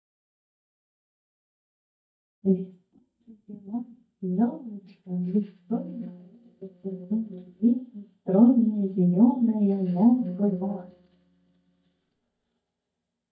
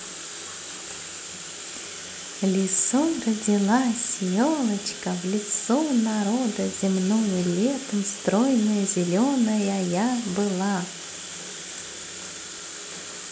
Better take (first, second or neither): second